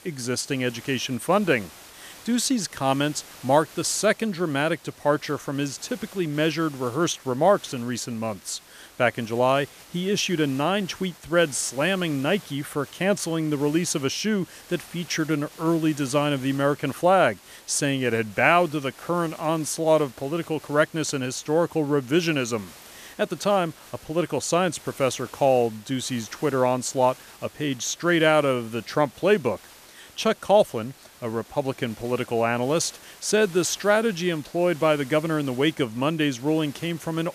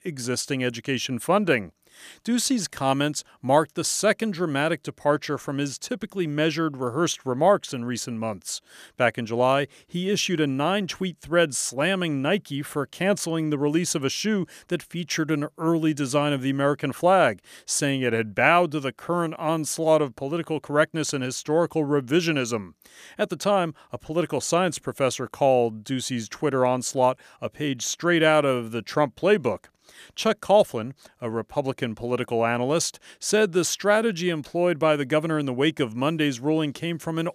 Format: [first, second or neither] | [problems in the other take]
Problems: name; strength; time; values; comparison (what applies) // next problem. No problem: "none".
second | hiss; faint; throughout; 20 dB below the speech